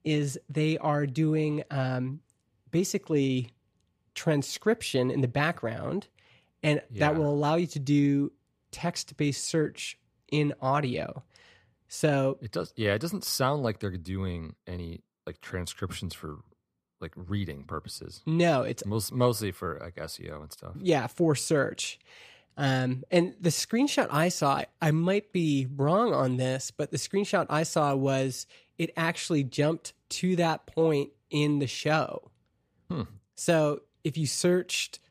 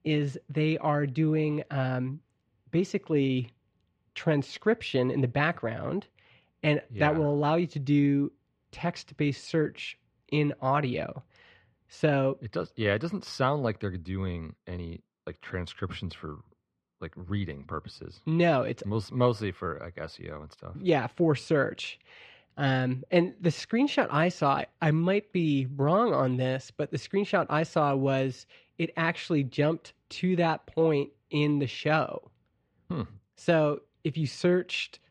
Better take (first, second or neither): first